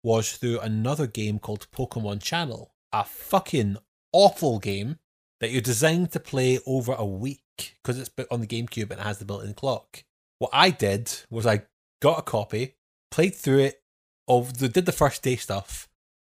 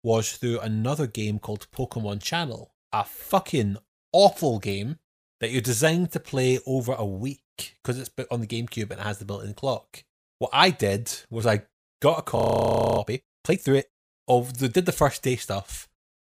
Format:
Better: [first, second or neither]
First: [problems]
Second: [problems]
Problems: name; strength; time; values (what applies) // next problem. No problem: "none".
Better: first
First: none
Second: audio freezing; at 12 s for 0.5 s